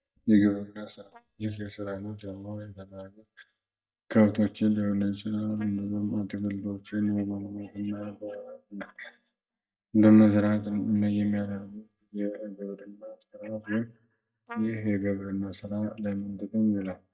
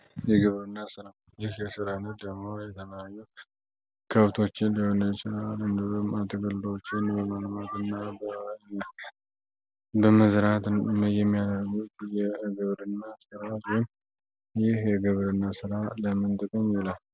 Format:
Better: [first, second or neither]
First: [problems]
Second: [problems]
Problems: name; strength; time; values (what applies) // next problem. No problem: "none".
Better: second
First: noise reduction (neural mask model DeepFilterNet 3)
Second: none